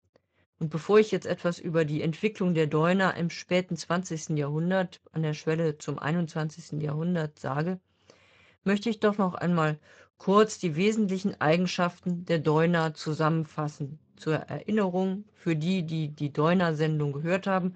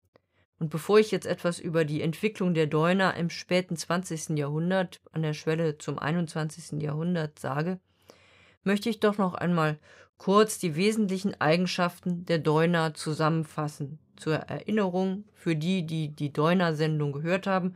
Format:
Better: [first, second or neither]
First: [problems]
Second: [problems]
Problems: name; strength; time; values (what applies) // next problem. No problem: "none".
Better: second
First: garbled, watery; slightly; nothing above 7.5 kHz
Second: none